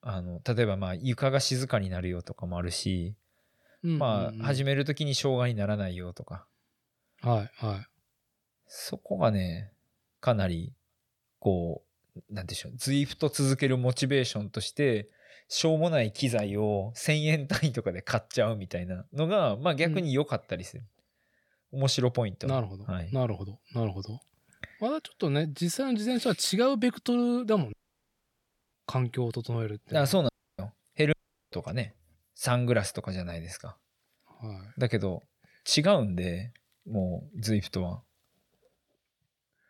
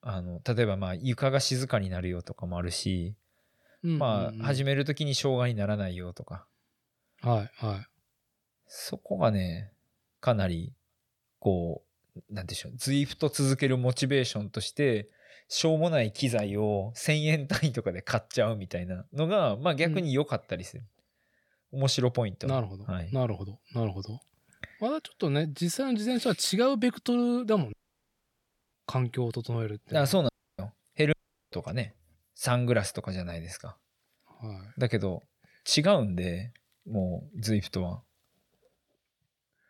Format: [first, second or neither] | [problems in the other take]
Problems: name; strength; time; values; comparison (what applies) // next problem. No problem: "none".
neither | audio cutting out; at 28 s for 1 s, at 30 s and at 31 s; the same in both